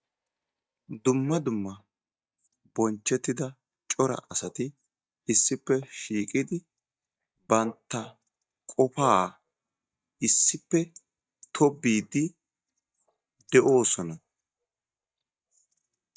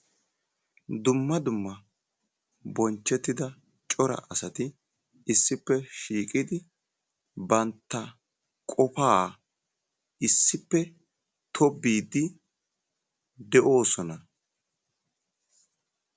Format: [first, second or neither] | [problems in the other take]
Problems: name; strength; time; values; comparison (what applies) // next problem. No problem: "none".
second | noise reduction (neural mask model DeepFilterNet 3)